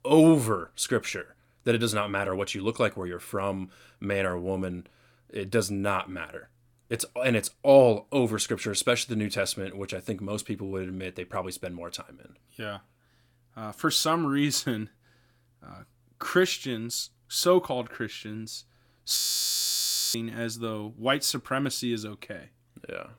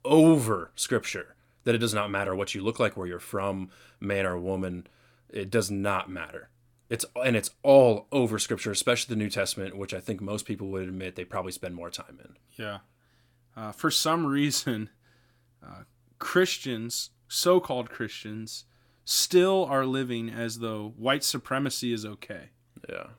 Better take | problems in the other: second | audio freezing; at 19 s for 1 s

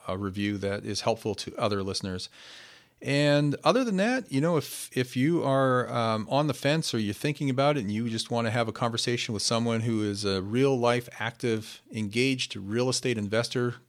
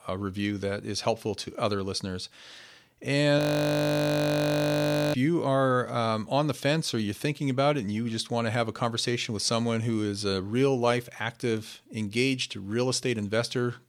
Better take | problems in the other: first | audio freezing; at 3.5 s for 1.5 s

